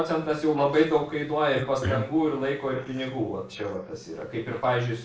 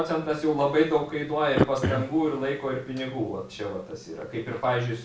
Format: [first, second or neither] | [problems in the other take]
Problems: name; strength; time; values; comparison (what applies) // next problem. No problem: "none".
second | noise reduction (neural mask model Resemble Enhance denoiser)